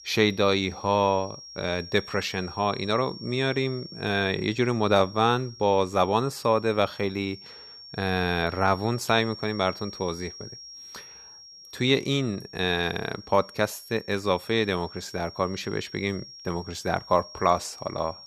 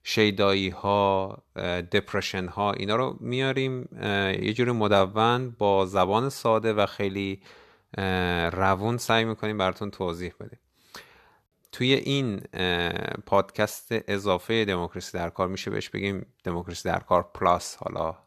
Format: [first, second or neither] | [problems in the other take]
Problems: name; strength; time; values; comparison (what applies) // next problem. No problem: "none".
second | high-pitched whine; noticeable; throughout; 5.5 kHz, 15 dB below the speech